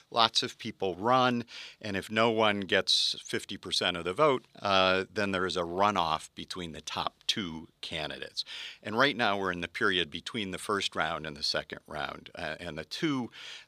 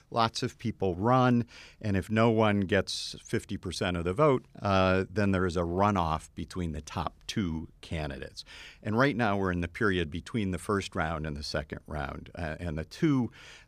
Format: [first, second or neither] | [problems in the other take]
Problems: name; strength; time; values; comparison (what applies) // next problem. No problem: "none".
second | thin; somewhat; fading below 550 Hz